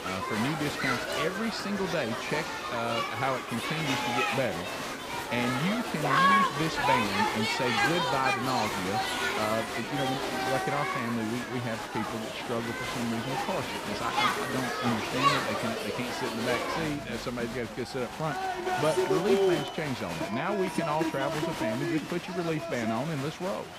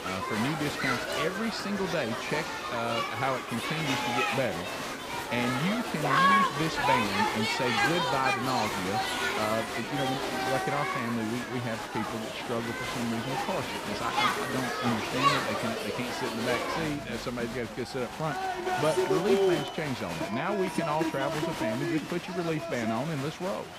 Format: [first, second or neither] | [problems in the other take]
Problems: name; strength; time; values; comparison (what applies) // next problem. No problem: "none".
neither | crowd noise; very loud; throughout; 3 dB above the speech; the same in both